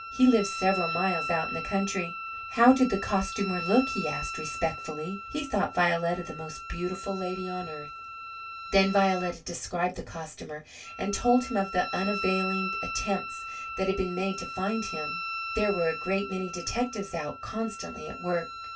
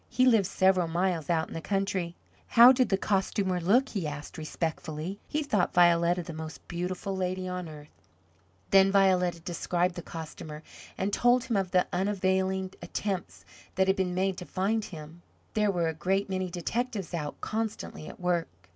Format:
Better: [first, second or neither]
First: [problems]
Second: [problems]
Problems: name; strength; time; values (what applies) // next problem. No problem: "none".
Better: second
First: background sound (Wind instrument, woodwind instrument); 8 dB below the speech // room echo; dies away in 0.2 s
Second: none